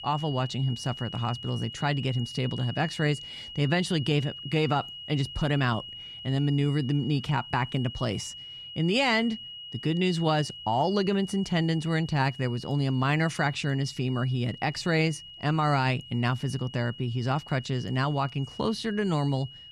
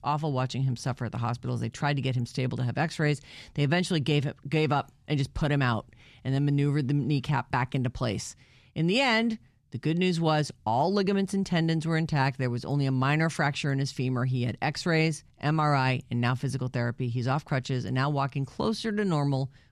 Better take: second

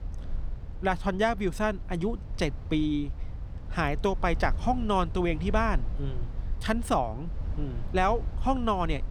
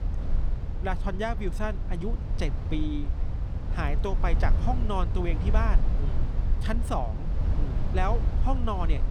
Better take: first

